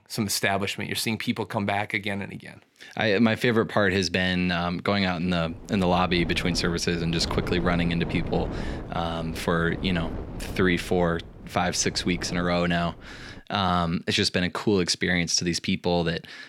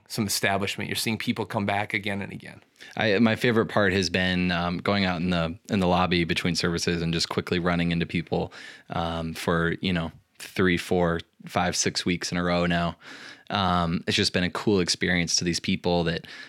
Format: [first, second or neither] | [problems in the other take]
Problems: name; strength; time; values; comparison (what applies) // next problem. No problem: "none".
second | wind noise on the microphone; occasional gusts; from 5.5 to 13 s; 15 dB below the speech